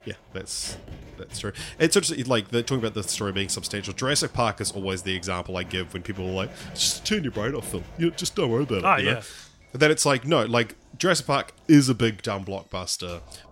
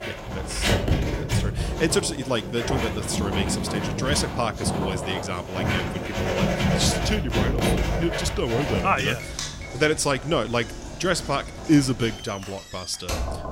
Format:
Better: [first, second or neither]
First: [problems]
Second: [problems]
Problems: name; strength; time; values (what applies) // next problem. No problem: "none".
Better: first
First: household noises; faint; throughout; 20 dB below the speech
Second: household noises; loud; throughout; 1 dB below the speech